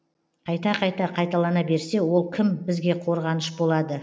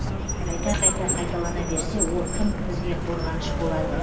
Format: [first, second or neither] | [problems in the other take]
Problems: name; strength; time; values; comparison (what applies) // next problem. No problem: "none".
first | background sound (Car); 4 dB above the speech // room echo; dies away in 2.2 s